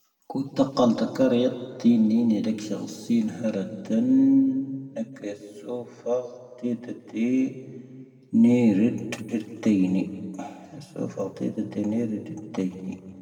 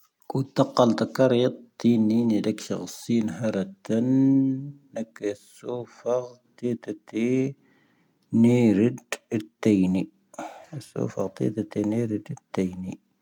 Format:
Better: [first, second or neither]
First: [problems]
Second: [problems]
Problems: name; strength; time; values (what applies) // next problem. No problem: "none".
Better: second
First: room echo; dies away in 1.5 s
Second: none